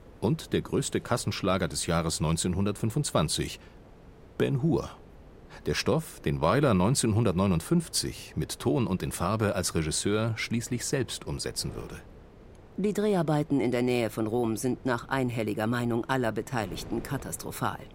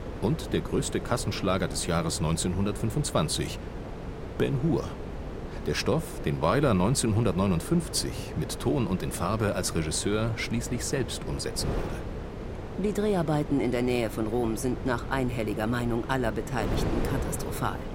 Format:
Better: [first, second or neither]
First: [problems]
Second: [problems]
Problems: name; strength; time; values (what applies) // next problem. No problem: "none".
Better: first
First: wind noise on the microphone; occasional gusts; 25 dB below the speech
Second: wind noise on the microphone; heavy; 10 dB below the speech